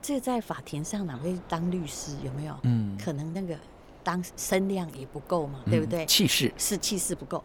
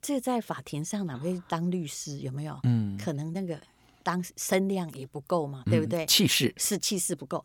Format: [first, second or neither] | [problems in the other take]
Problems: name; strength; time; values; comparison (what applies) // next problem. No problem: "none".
second | wind noise on the microphone; occasional gusts; 20 dB below the speech